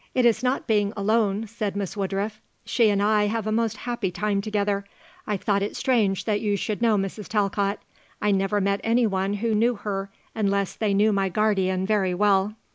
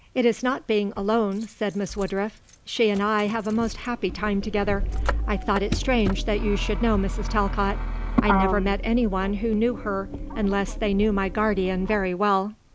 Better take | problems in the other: first | background sound (Motor vehicle (road)); 5 dB below the speech

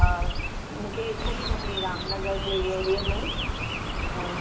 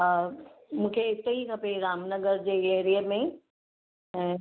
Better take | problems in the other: second | background sound (Chirp, tweet); 4 dB above the speech // room echo; dies away in 0.9 s

